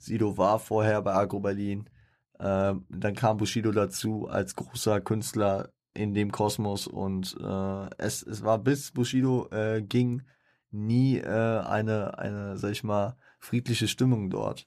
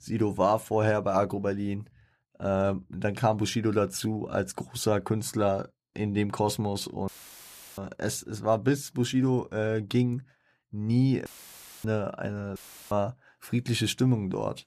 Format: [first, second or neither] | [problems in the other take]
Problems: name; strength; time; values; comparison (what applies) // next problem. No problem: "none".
first | audio cutting out; filled with static; at 7 s for 0.5 s, at 11 s for 0.5 s and at 13 s